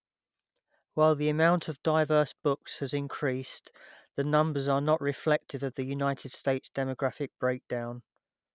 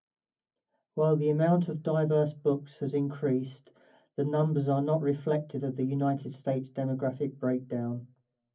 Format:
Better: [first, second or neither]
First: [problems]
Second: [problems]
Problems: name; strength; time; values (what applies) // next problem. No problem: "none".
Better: first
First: none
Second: room echo; dies away in 0.3 s